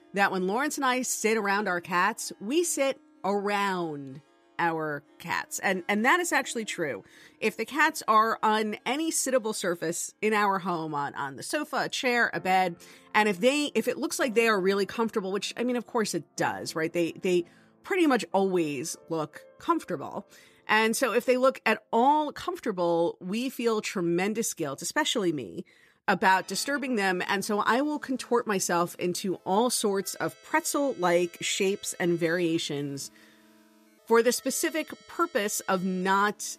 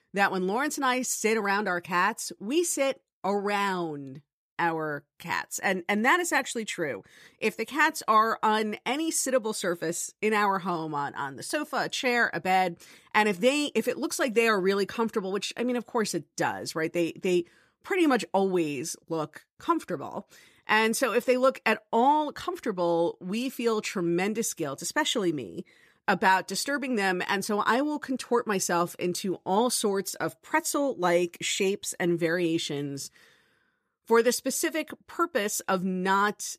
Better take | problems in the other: second | background music; faint; throughout; 30 dB below the speech

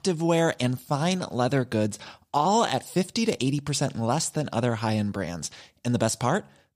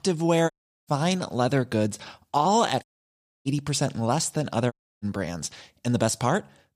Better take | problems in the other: first | audio cutting out; at 0.5 s, at 3 s for 0.5 s and at 4.5 s

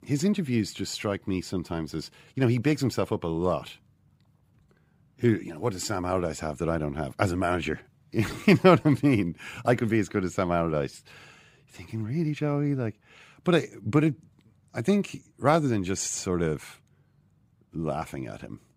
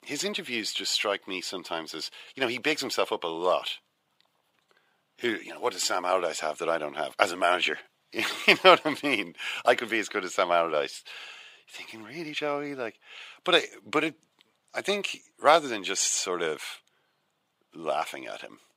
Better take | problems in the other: first | thin; very; fading below 650 Hz

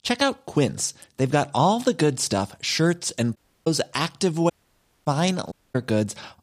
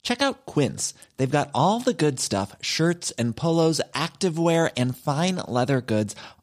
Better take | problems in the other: second | audio cutting out; at 3.5 s, at 4.5 s for 0.5 s and at 5.5 s

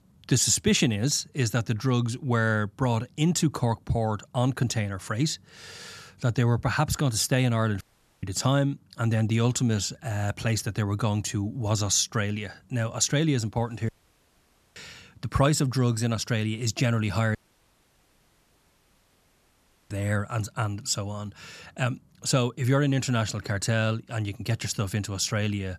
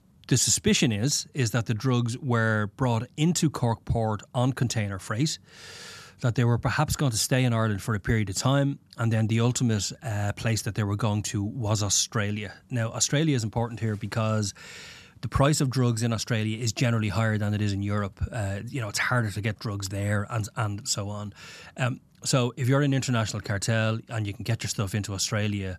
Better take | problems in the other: second | audio cutting out; at 8 s, at 14 s for 1 s and at 17 s for 2.5 s

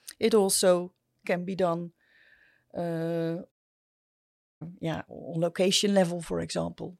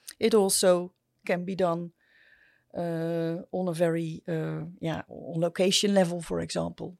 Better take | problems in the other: second | audio cutting out; at 3.5 s for 1 s

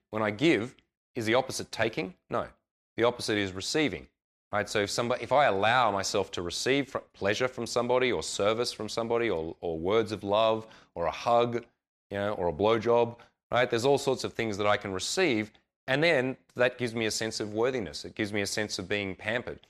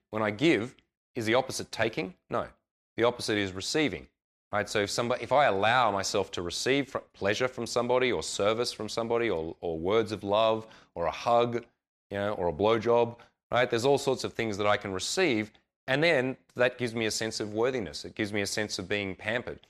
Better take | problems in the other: neither | none

